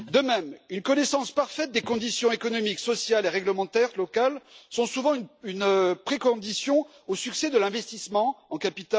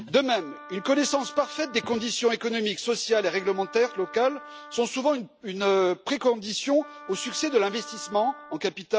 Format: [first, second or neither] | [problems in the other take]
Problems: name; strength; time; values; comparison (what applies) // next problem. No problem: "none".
first | background sound (Wind instrument, woodwind instrument); 18 dB below the speech